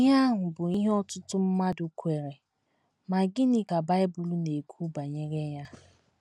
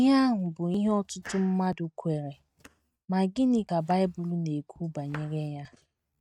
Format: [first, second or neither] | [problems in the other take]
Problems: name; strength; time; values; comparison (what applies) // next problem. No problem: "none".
first | noise reduction (neural mask model RNNoise)